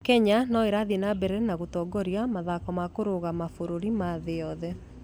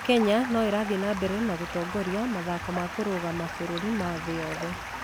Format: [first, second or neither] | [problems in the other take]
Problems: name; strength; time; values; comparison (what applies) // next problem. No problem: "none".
first | background sound (Stream); 8 dB below the speech